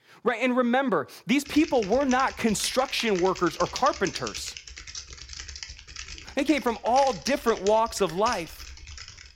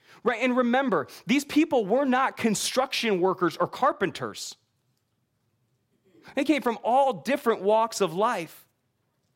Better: second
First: keyboard typing; noticeable; from 1.5 s on; peak 8 dB below the speech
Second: none

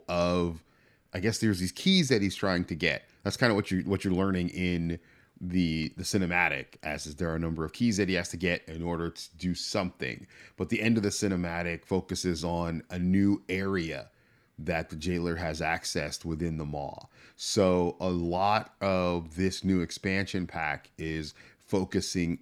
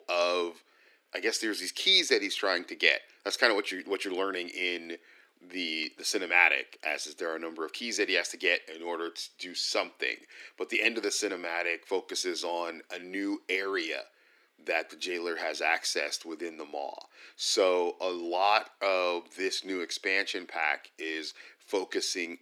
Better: first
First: none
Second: thin; very; fading below 300 Hz

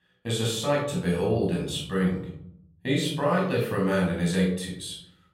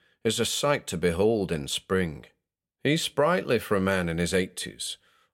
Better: second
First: off-mic speech; far // room echo; noticeable; dies away in 0.8 s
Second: none

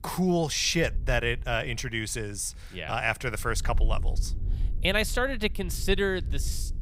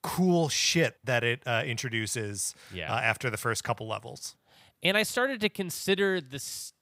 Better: second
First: wind noise on the microphone; occasional gusts; 25 dB below the speech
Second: none

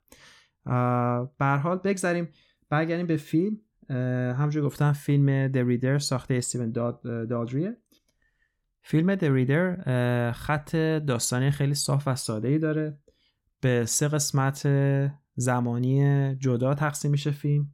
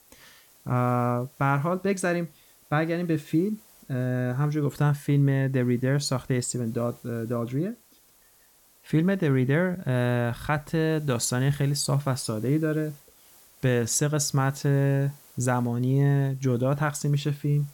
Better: first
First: none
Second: hiss; faint; throughout; 25 dB below the speech

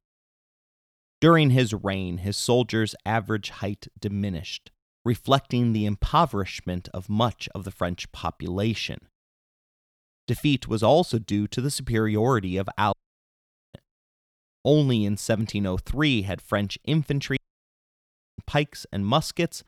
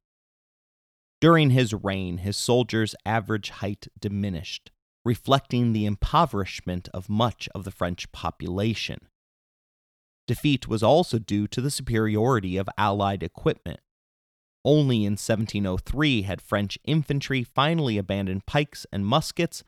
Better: second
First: audio cutting out; at 13 s for 1 s and at 17 s for 1 s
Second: none

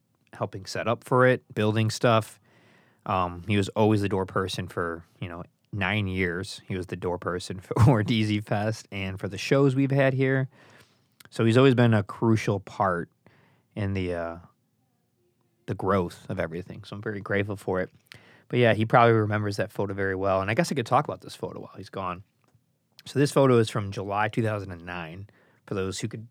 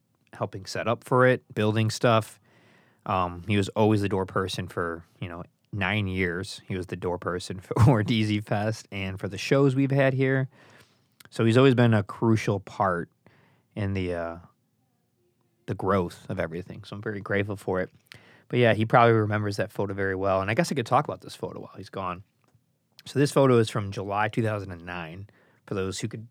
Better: neither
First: none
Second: none

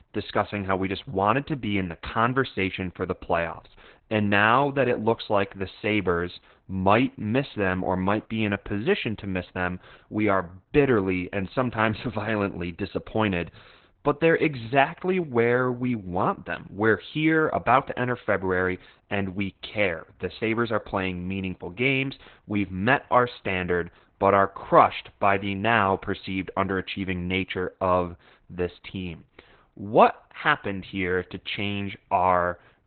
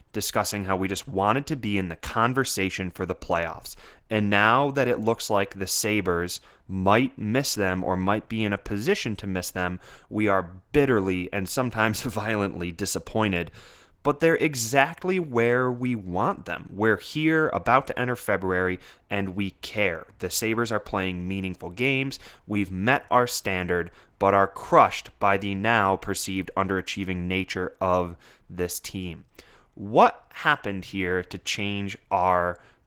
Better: second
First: garbled, watery; badly; nothing above 4 kHz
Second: garbled, watery; slightly

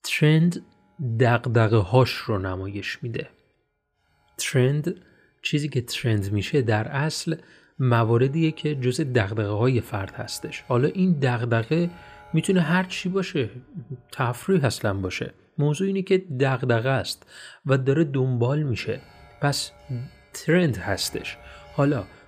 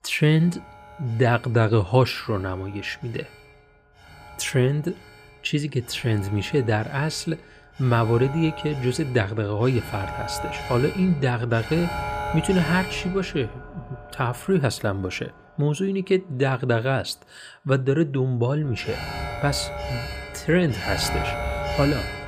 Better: first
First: alarms or sirens; faint; throughout; 30 dB below the speech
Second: alarms or sirens; loud; throughout; 9 dB below the speech

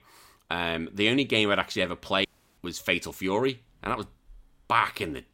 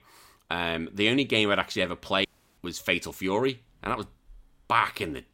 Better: neither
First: audio cutting out; at 2.5 s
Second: audio cutting out; at 2.5 s

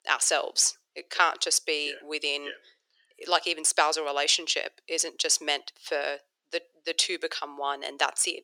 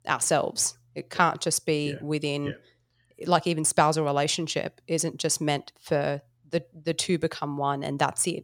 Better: second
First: thin; very; fading below 350 Hz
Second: none

